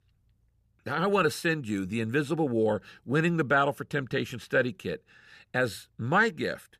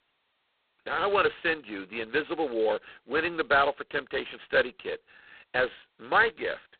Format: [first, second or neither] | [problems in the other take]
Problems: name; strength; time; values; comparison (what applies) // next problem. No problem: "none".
first | phone-call audio; poor line; nothing above 4 kHz